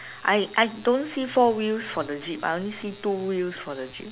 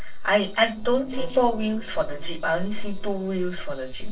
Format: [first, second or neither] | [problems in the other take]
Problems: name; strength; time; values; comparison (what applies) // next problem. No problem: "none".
first | noise reduction (neural separator model SepFormer DNS4)